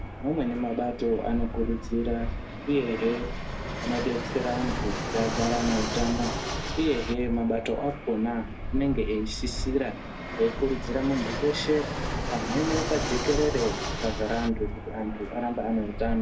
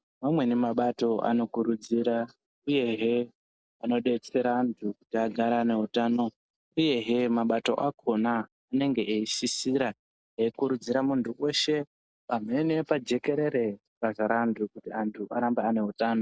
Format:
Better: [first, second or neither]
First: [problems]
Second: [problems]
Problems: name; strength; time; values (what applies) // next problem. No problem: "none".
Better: second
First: background sound (Fixed-wing aircraft, airplane); 3 dB below the speech // room echo; dies away in 0.3 s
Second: none